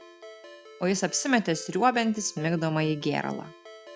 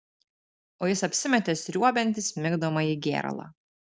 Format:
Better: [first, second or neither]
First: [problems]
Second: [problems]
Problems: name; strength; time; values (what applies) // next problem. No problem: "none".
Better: second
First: background sound (Ringtone); 19 dB below the speech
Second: none